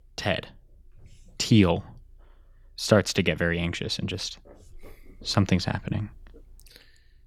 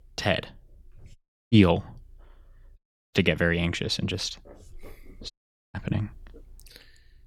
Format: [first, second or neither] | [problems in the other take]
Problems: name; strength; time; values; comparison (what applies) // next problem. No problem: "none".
first | audio cutting out; at 1 s, at 3 s and at 5.5 s